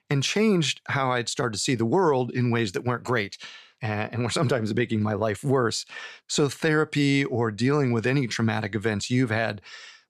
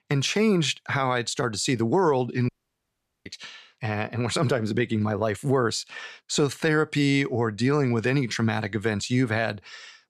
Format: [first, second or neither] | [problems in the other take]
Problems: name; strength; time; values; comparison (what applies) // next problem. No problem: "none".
first | audio cutting out; at 2.5 s for 1 s